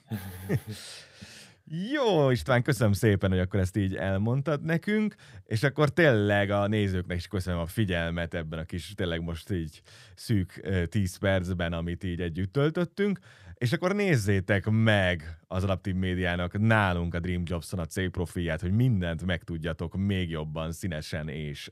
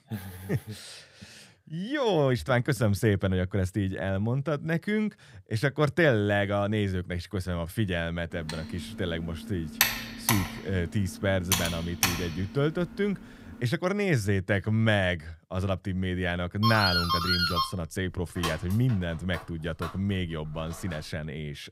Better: first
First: none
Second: keyboard typing; loud; from 8.5 to 12 s; peak 4 dB above the speech // doorbell; loud; from 17 to 21 s; peak 4 dB above the speech

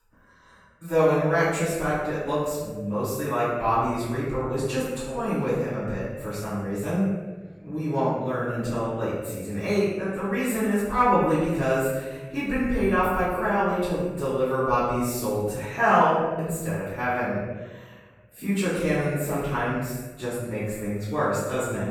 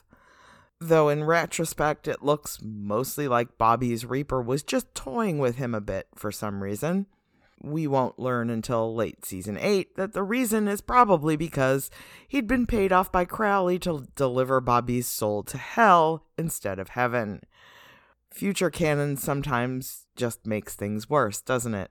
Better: second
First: off-mic speech; far // room echo; strong; dies away in 1.2 s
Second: none

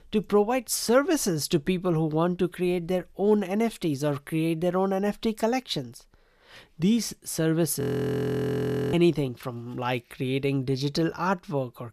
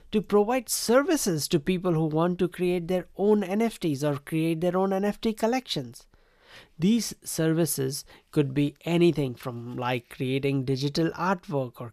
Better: second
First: audio freezing; at 8 s for 1 s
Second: none

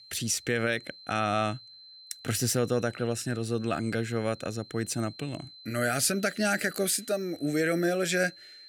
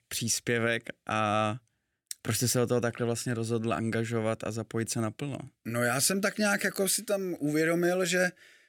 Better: second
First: high-pitched whine; noticeable; throughout; 4 kHz, 20 dB below the speech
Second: none

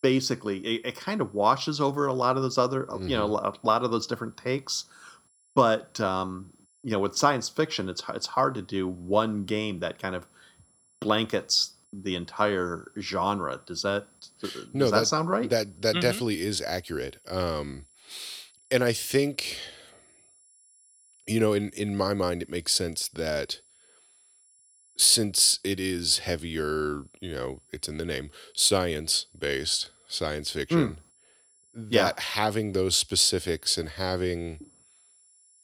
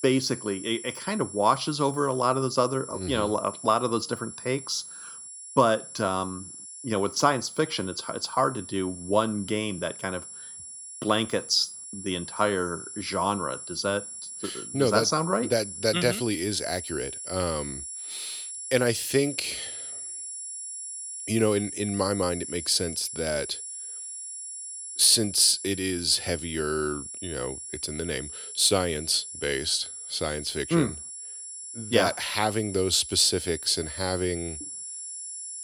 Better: first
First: high-pitched whine; faint; throughout; 10 kHz, 30 dB below the speech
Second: high-pitched whine; loud; throughout; 10 kHz, 10 dB below the speech

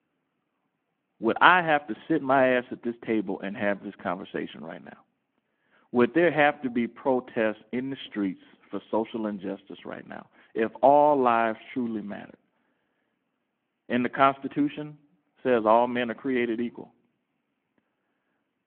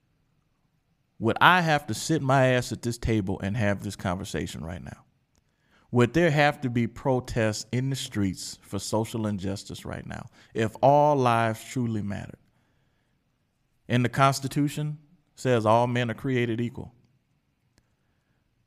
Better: second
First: phone-call audio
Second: none

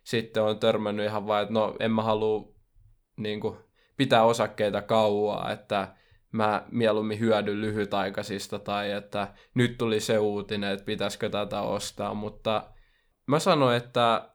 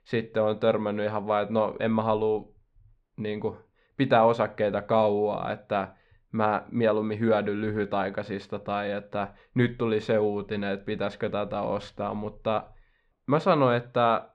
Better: first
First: none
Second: muffled; slightly; fading above 2.5 kHz

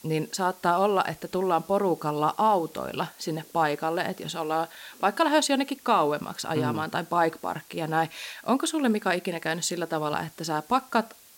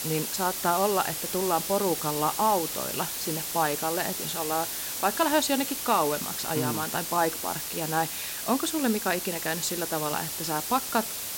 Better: first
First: hiss; faint; throughout; 25 dB below the speech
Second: hiss; loud; throughout; 2 dB below the speech

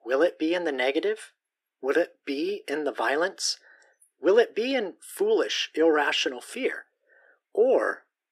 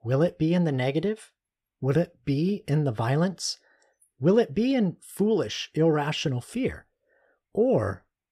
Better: second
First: thin; very; fading below 300 Hz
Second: none

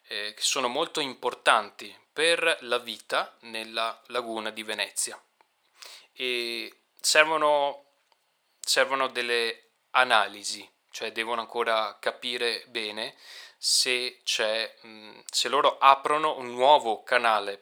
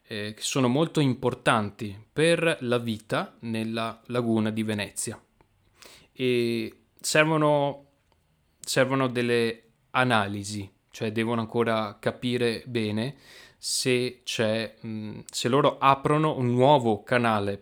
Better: second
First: thin; very; fading below 700 Hz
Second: none

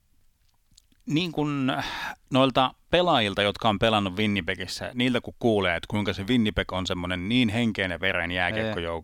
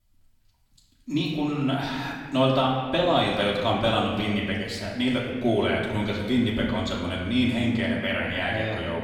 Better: first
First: none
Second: off-mic speech; far // room echo; noticeable; dies away in 1.6 s

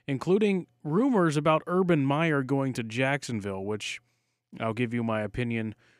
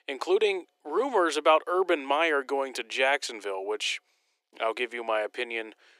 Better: first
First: none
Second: thin; very; fading below 350 Hz

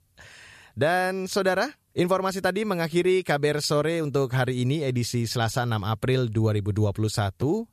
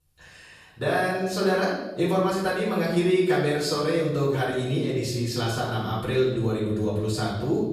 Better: first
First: none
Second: off-mic speech; far // room echo; noticeable; dies away in 0.9 s

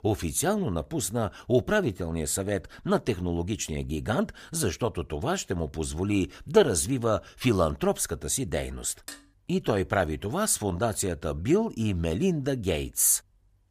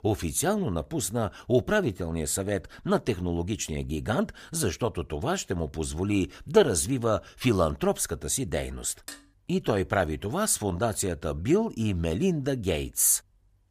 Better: neither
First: clattering dishes; faint; at 9 s; peak 15 dB below the speech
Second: clattering dishes; faint; at 9 s; peak 15 dB below the speech

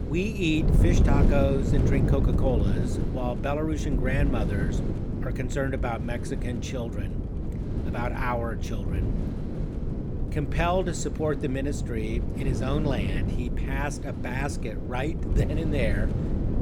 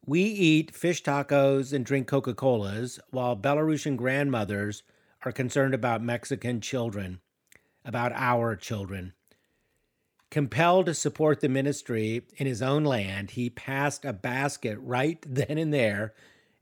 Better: second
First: wind noise on the microphone; heavy; 5 dB below the speech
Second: none

